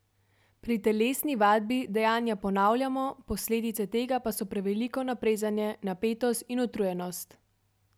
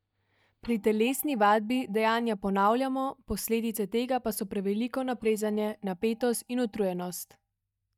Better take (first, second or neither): first